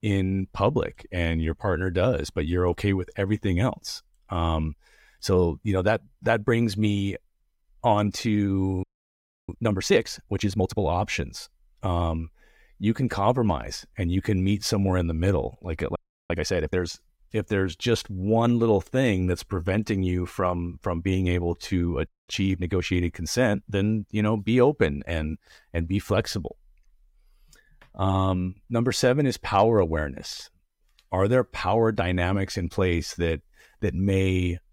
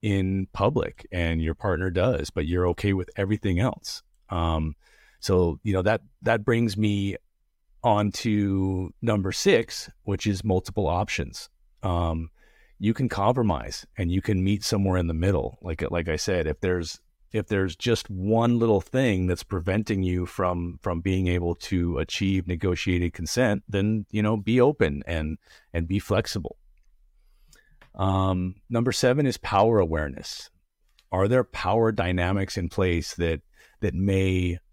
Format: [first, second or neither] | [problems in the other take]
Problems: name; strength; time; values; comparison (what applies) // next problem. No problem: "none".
second | audio freezing; at 9 s for 0.5 s, at 16 s and at 22 s